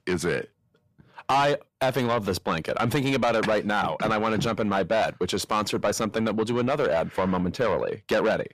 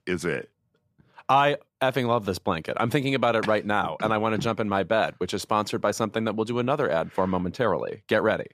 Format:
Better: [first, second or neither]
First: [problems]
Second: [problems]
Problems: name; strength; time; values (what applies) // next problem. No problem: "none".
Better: second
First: distortion; heavy; 8 dB below the speech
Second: none